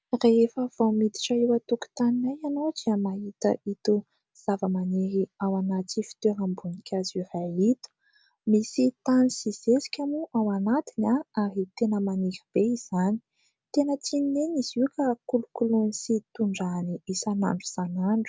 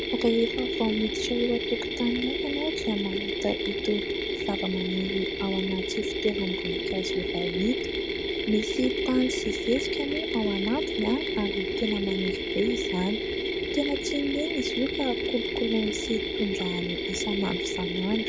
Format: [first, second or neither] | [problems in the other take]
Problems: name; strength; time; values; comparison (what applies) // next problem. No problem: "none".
first | background sound (Mechanisms); as loud as the speech